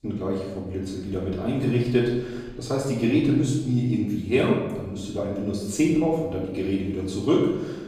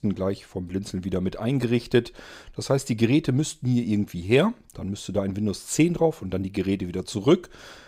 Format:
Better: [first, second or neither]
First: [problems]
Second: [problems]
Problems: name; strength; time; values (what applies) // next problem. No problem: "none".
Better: second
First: room echo; noticeable; dies away in 1.1 s // off-mic speech; far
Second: none